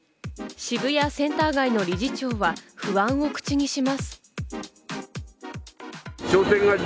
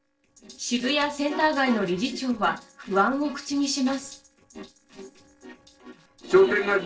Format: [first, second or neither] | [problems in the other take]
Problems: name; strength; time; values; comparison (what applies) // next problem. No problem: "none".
first | noise reduction (neural separator model SepFormer DNS4)